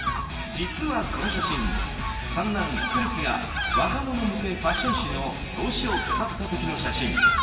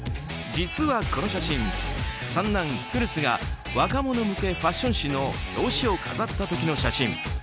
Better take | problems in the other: second | background sound (Bird vocalization, bird call, bird song); 3 dB below the speech // room echo; dies away in 1.2 s

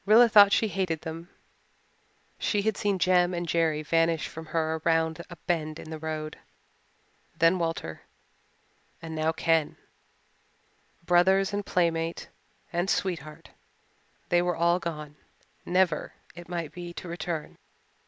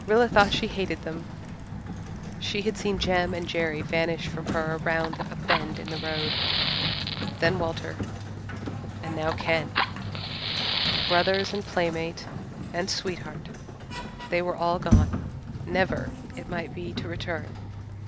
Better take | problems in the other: first | background sound (Sliding door + Fire); 1 dB below the speech

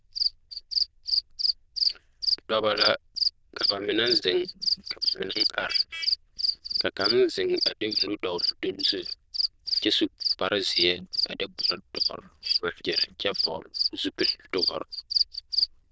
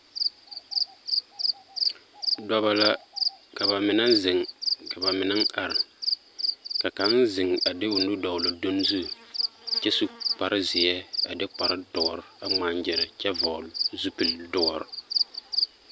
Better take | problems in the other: second | noise reduction (neural diffusion model UNIVERSE++)

